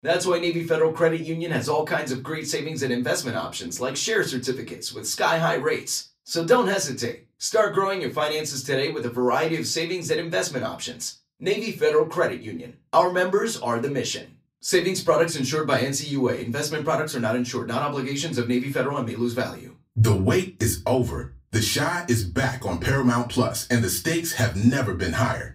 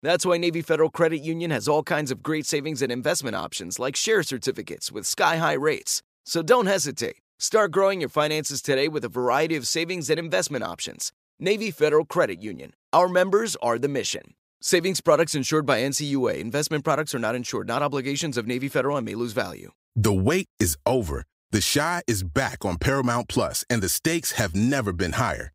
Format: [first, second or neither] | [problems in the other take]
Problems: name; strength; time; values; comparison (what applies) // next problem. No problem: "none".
second | off-mic speech; far // room echo; very slight; dies away in 0.2 s